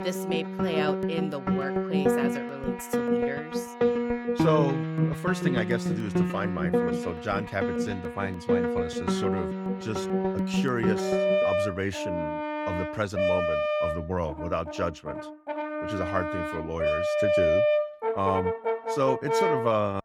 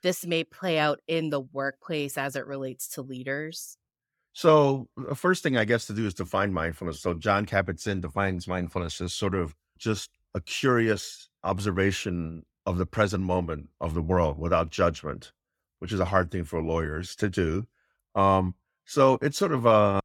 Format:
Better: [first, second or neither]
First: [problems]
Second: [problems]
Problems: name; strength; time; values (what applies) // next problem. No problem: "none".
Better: second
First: background music; very loud; throughout; 4 dB above the speech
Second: none